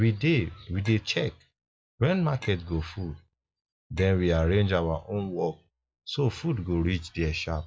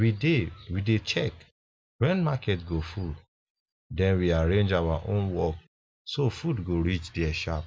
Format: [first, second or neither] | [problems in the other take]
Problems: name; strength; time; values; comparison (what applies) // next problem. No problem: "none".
second | noise reduction (classical method log-MMSE)